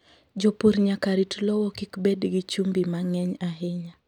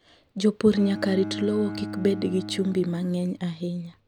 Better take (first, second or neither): first